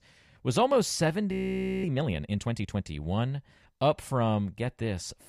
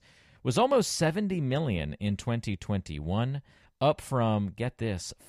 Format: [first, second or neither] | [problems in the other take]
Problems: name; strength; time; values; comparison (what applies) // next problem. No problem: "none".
second | audio freezing; at 1.5 s for 0.5 s